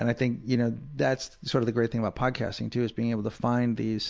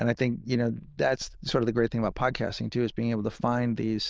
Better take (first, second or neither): first